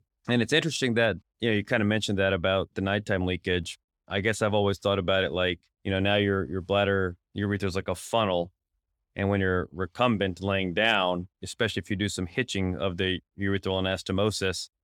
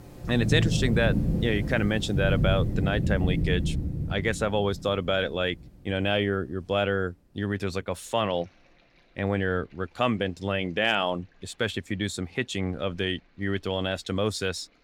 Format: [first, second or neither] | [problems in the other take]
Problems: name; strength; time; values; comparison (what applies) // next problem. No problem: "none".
first | rain or running water; loud; throughout; as loud as the speech